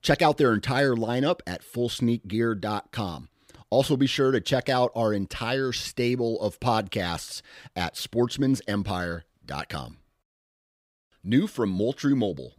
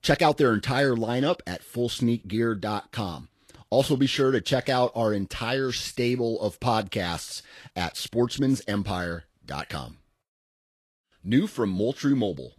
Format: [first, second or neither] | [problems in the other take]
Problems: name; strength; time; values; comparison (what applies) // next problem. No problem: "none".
first | garbled, watery; slightly; nothing above 12.5 kHz